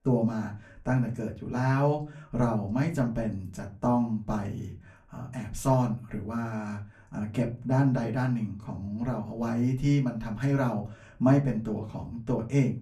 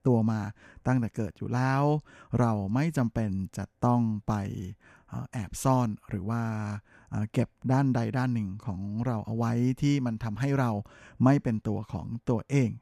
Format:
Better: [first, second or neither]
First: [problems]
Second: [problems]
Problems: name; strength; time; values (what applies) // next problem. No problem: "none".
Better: second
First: off-mic speech; far // room echo; very slight; dies away in 0.3 s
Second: none